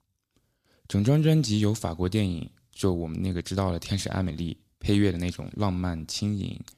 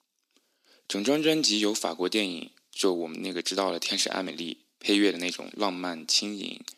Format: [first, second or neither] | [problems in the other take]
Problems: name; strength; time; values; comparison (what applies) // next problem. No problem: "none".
first | thin; somewhat; fading below 250 Hz